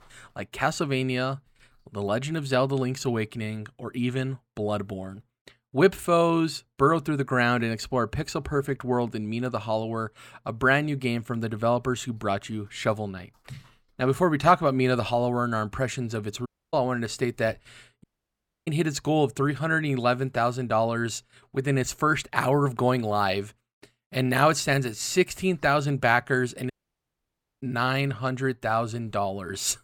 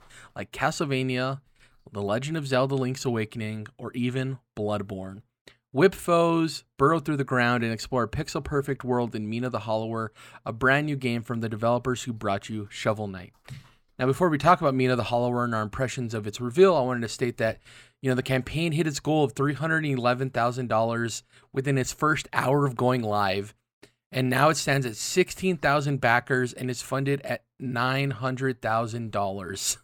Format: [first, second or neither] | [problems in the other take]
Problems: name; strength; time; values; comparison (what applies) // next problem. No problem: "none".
second | audio cutting out; at 16 s, at 18 s for 0.5 s and at 27 s for 1 s